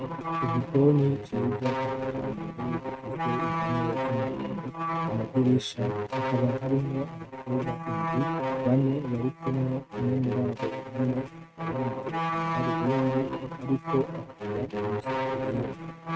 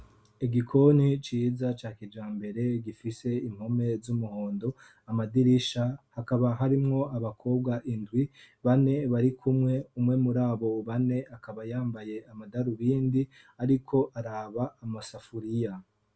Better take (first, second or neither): second